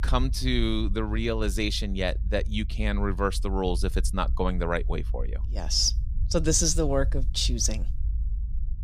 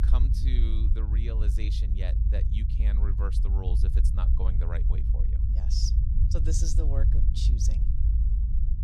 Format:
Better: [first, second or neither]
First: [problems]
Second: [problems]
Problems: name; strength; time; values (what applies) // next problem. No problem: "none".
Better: first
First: low rumble; faint; throughout; 25 dB below the speech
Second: low rumble; loud; throughout; 4 dB below the speech